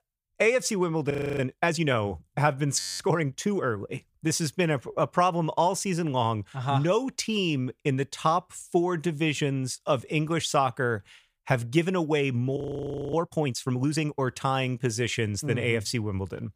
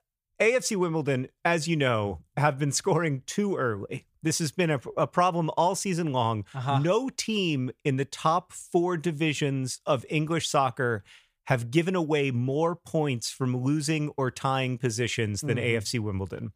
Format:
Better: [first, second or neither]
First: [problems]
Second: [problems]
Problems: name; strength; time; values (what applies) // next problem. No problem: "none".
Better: second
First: audio freezing; at 1 s, at 3 s and at 13 s for 0.5 s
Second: none